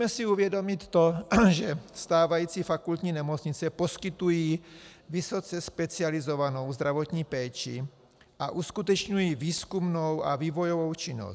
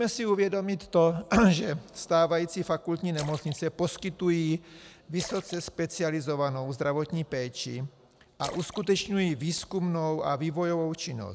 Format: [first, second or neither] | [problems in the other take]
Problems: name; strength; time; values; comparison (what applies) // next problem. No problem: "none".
first | background sound (Splash, splatter); 19 dB below the speech